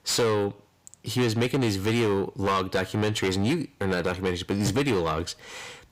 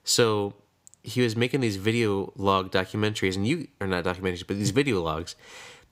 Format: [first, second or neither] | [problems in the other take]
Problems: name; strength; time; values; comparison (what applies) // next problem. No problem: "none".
second | distortion; heavy; 7 dB below the speech